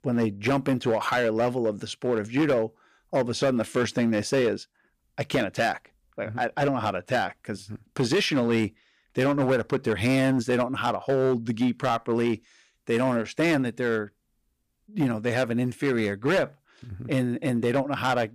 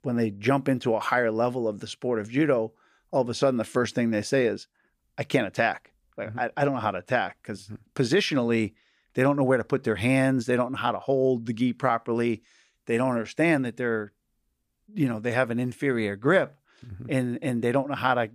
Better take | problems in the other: second | distortion; slight; 8% of the sound clipped

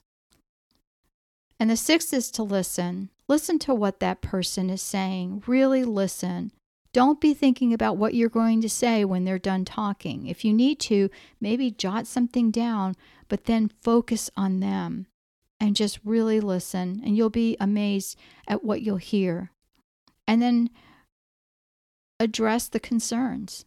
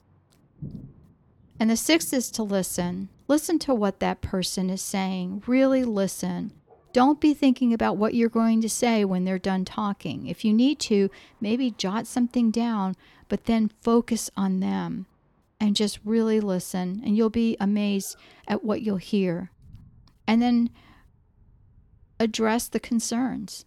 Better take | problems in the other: first | rain or running water; faint; throughout; 30 dB below the speech

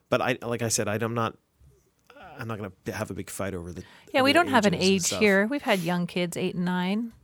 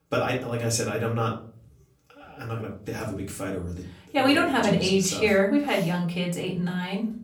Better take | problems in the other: first | off-mic speech; far // room echo; slight; dies away in 0.4 s

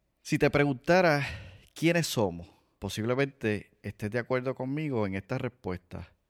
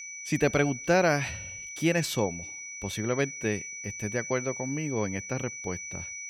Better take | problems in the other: first | high-pitched whine; loud; throughout; 2.5 kHz, 8 dB below the speech

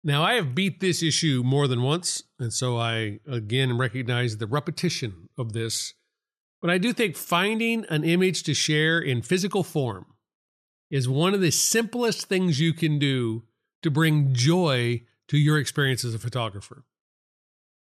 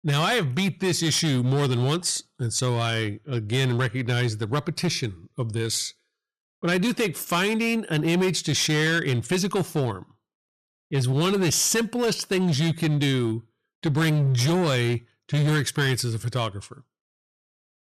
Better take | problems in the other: first | distortion; slight; 13% of the sound clipped

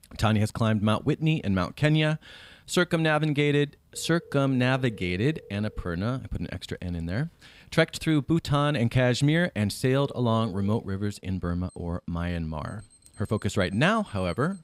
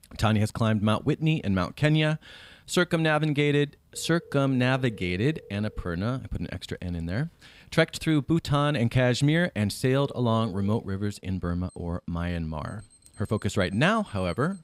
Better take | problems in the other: neither | alarms or sirens; faint; throughout; 25 dB below the speech; the same in both

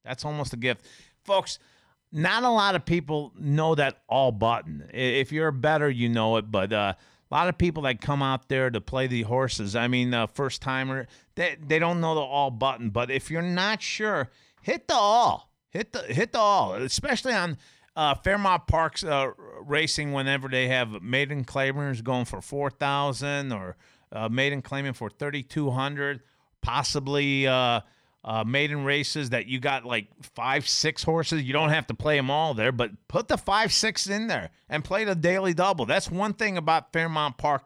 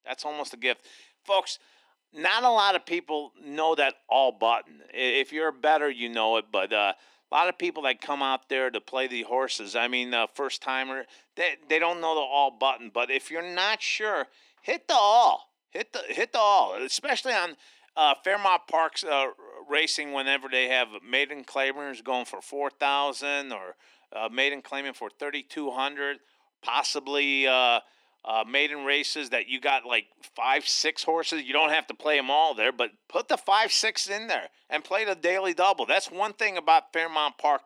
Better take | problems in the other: first | thin; somewhat; fading below 300 Hz

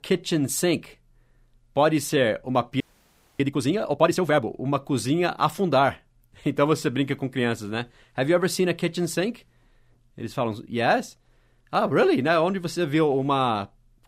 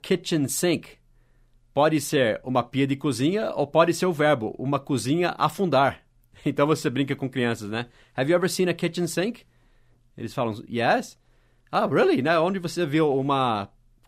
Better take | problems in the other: second | audio freezing; at 3 s for 0.5 s

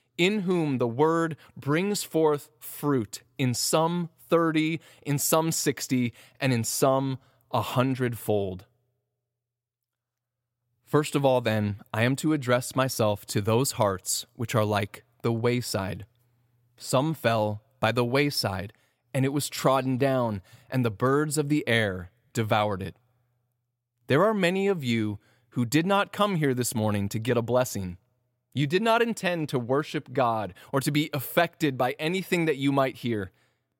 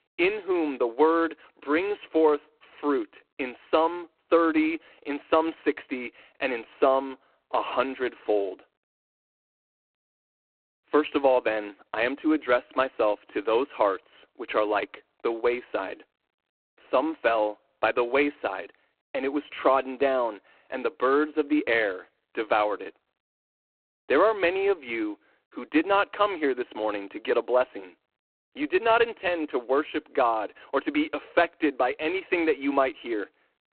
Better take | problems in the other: first | phone-call audio; poor line; nothing above 4 kHz

